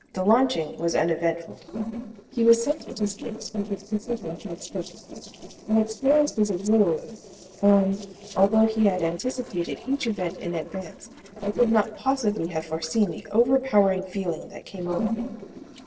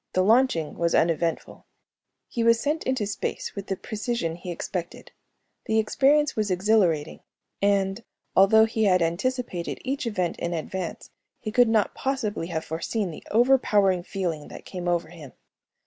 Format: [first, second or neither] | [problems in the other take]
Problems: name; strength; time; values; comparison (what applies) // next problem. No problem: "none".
second | noise reduction (neural separator model SepFormer DNS4)